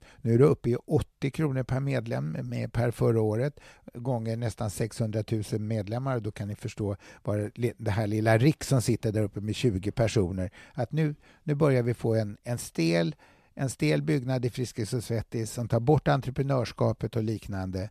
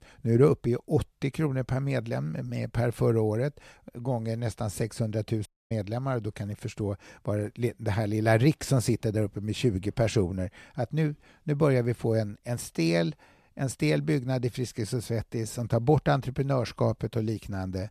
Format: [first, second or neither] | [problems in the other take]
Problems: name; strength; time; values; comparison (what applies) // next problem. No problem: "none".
first | audio cutting out; at 5.5 s